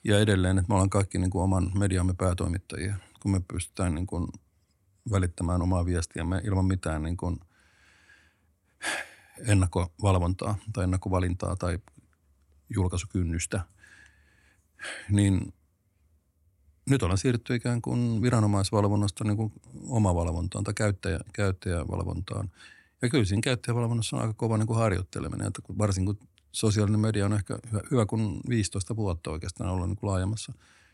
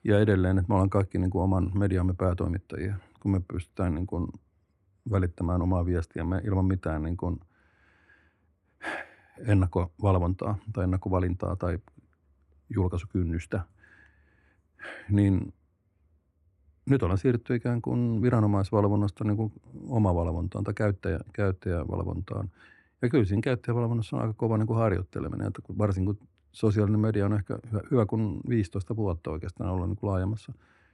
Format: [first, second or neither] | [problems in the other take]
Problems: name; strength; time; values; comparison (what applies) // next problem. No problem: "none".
first | muffled; very; fading above 3 kHz